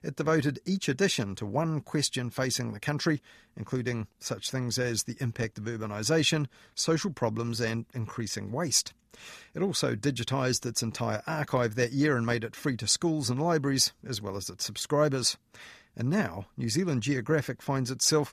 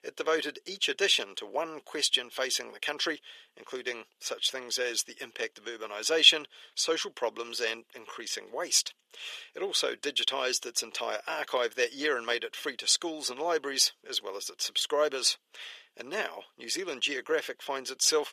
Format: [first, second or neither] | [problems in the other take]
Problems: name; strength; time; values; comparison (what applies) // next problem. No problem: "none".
first | thin; very; fading below 400 Hz